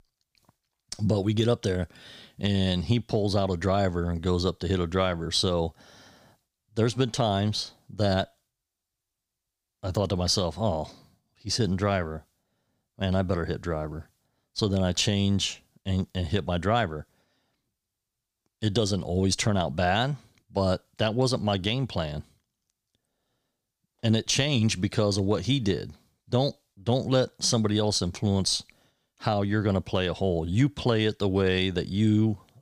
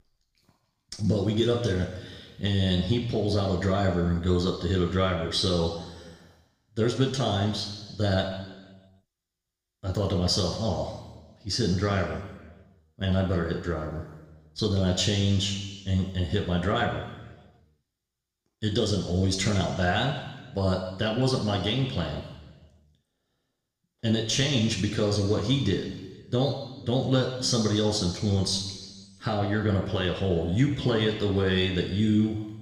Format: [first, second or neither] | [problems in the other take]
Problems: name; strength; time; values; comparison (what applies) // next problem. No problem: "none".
first | room echo; noticeable; dies away in 1.3 s // off-mic speech; somewhat distant